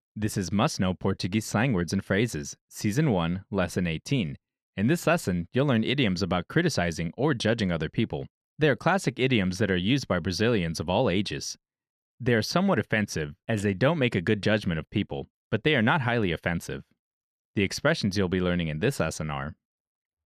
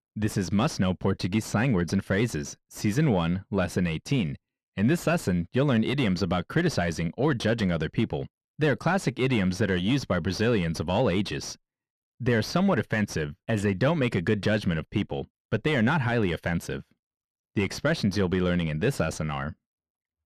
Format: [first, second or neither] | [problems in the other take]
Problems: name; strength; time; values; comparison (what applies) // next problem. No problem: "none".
first | distortion; slight; 10 dB below the speech